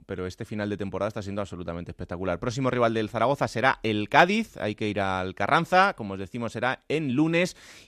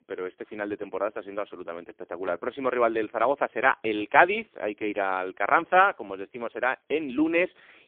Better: first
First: none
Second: phone-call audio; poor line

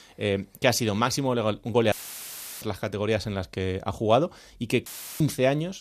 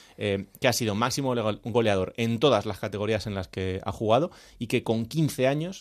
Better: second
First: audio cutting out; filled with static; at 2 s for 0.5 s and at 5 s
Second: none

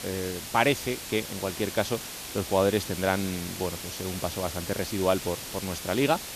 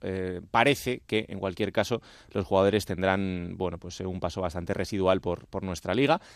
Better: second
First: hiss; loud; throughout; 7 dB below the speech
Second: none

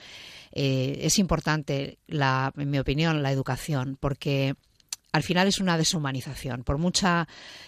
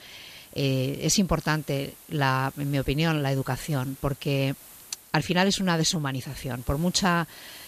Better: first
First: none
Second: hiss; faint; throughout; 20 dB below the speech

